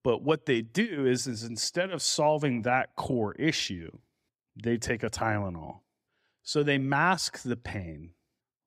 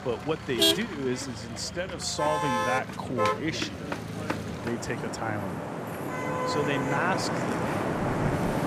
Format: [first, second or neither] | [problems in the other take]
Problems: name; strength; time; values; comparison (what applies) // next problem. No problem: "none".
first | traffic noise; very loud; throughout; 2 dB above the speech